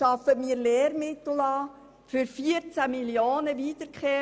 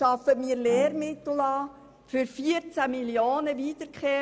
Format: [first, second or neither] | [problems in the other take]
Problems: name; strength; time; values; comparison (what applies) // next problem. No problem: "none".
first | background sound (Bowed string instrument); 19 dB below the speech